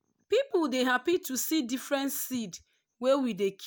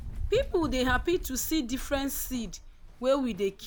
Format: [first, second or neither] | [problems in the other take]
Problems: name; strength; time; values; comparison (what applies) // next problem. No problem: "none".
first | background sound (Run); 8 dB below the speech